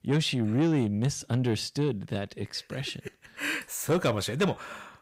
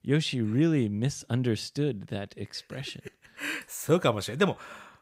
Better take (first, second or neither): second